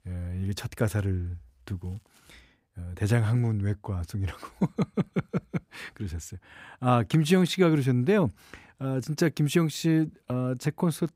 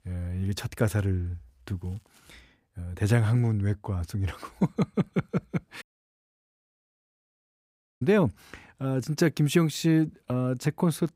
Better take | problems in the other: first | audio cutting out; at 6 s for 2 s

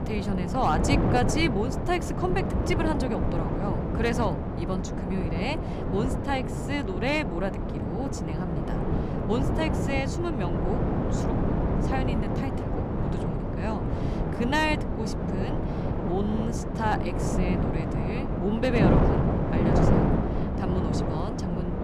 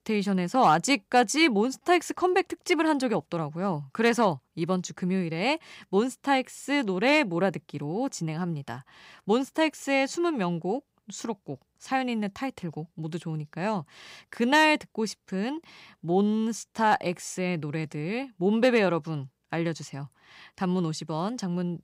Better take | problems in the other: second | wind noise on the microphone; heavy; 1 dB below the speech

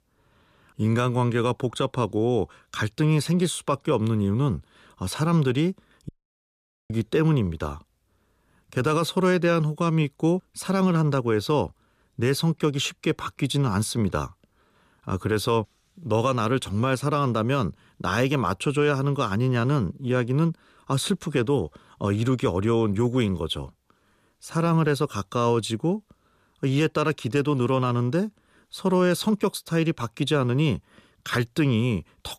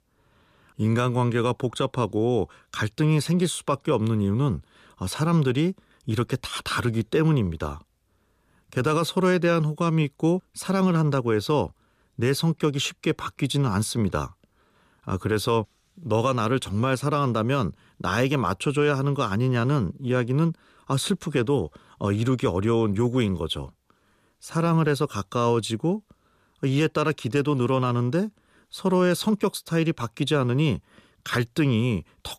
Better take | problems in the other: second | audio cutting out; at 6 s for 1 s

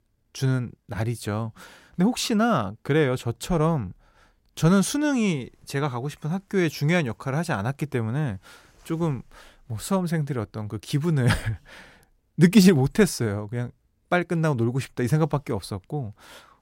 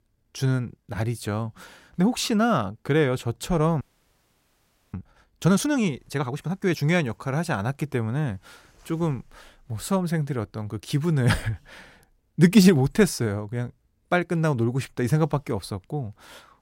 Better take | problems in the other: first | audio freezing; at 4 s for 1 s

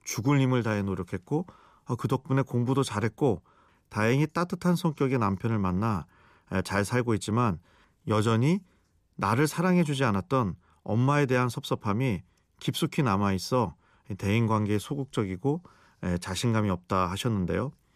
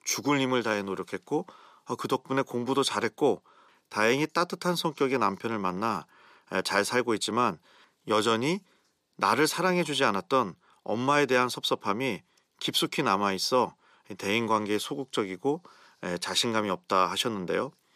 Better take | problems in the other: first | thin; somewhat; fading below 350 Hz

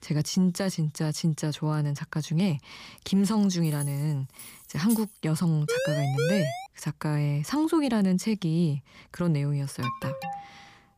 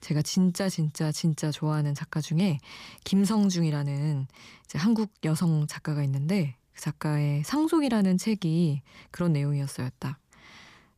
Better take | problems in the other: second | jangling keys; noticeable; from 3.5 to 5 s; peak 9 dB below the speech // siren; noticeable; at 5.5 s; peak 1 dB below the speech // alarm; noticeable; at 10 s; peak 7 dB below the speech

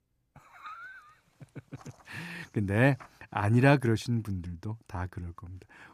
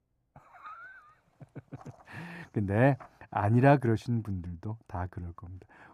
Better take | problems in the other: first | muffled; slightly; fading above 2 kHz

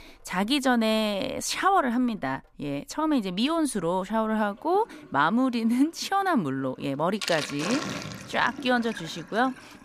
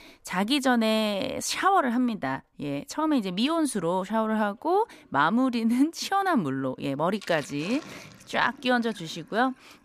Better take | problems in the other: second | household noises; loud; throughout; 10 dB below the speech; faint in the second

